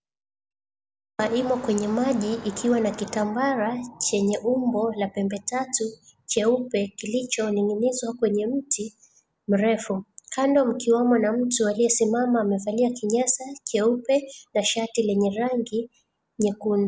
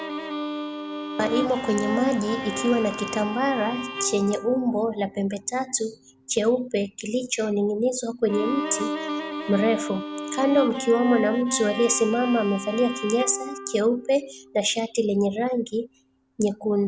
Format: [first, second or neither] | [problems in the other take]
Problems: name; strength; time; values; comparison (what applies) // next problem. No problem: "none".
first | background sound (Bowed string instrument); 9 dB below the speech